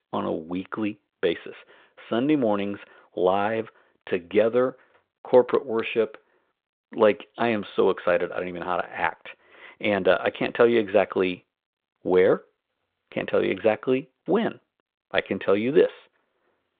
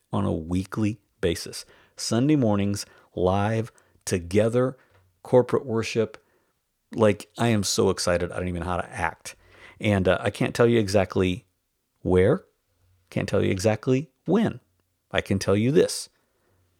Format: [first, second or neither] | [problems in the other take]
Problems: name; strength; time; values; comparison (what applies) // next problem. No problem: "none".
second | phone-call audio; nothing above 3.5 kHz